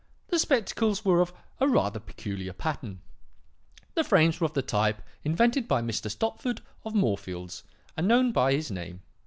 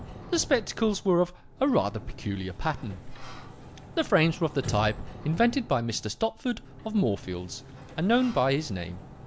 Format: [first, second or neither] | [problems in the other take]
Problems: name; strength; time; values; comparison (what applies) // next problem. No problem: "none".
first | background sound (Sliding door); 15 dB below the speech